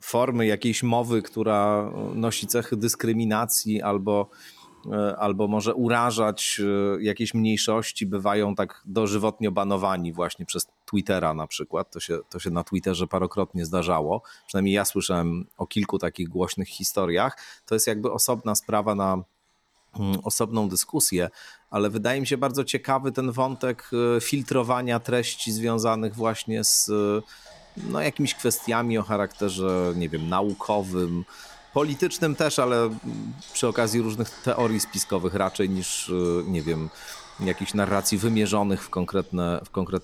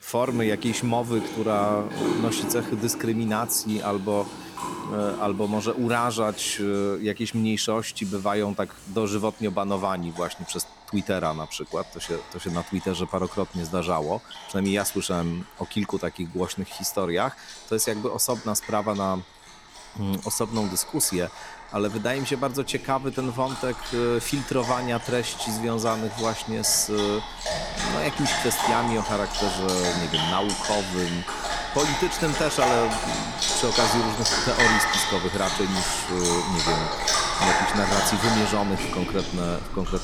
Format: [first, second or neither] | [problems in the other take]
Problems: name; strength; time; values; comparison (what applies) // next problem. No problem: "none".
first | animal sounds; loud; throughout; 1 dB below the speech; faint in the first